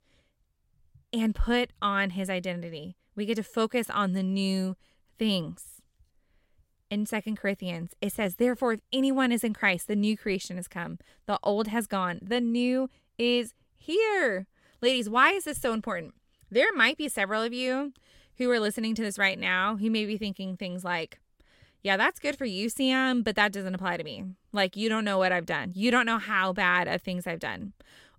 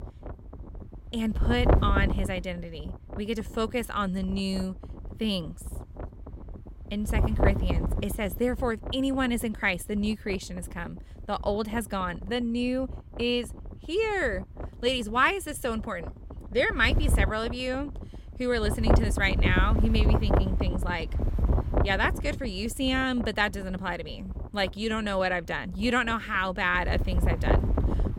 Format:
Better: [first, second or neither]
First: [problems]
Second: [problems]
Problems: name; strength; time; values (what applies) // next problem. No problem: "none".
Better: first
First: none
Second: wind noise on the microphone; heavy; 8 dB below the speech